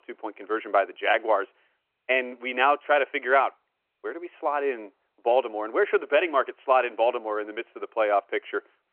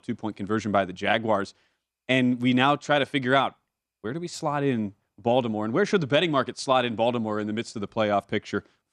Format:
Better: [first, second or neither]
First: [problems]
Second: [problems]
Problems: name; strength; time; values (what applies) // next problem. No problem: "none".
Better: second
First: phone-call audio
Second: none